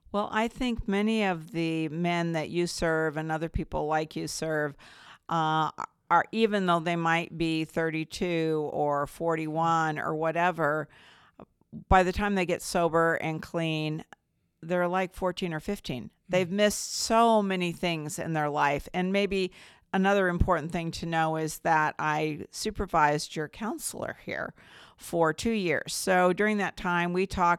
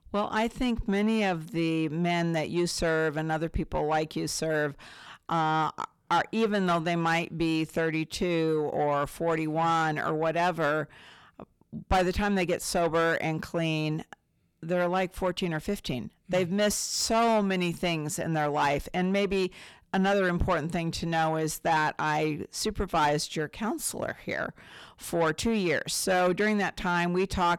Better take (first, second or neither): first